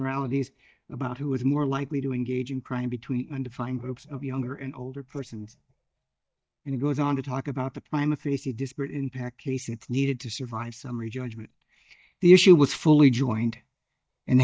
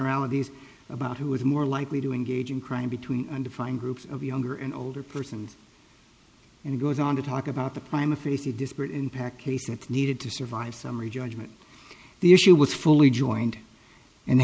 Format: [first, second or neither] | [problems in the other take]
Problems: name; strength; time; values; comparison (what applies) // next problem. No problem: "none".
second | noise reduction (neural mask model DeepFilterNet 3)